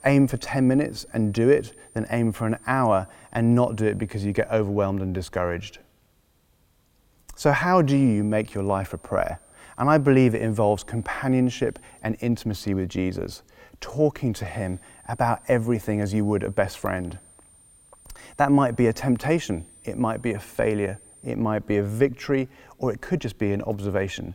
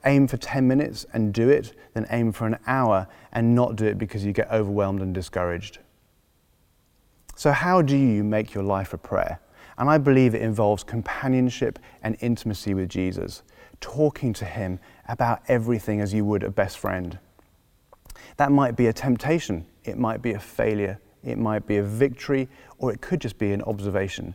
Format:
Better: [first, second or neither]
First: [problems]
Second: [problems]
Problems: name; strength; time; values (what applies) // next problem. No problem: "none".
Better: second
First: high-pitched whine; faint; until 4.5 s, from 8 to 12 s and from 14 to 21 s; 9 kHz, 25 dB below the speech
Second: none